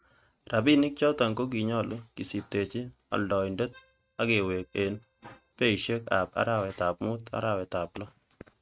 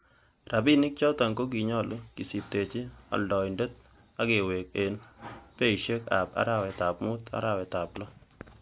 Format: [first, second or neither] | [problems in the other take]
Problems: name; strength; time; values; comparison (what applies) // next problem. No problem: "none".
second | noise reduction (neural mask model RNNoise)